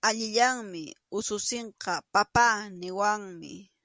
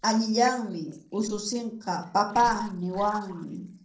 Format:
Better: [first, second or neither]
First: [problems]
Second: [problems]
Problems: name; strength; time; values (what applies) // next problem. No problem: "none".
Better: first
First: none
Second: noise reduction (neural separator model SepFormer DNS4)